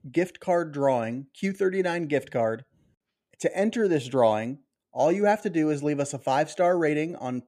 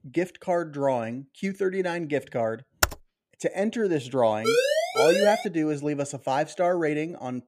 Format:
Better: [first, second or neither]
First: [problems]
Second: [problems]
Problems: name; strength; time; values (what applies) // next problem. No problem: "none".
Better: first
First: none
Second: keyboard typing; very faint; at 3 s; peak 1 dB above the speech // siren; loud; at 4.5 s; peak 5 dB above the speech